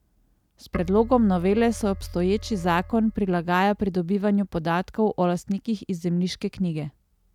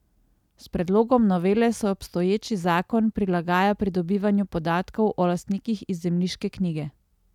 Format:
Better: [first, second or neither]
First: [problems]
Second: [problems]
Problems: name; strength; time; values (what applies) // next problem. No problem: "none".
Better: second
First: background sound (Keyboard (musical)); 15 dB below the speech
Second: none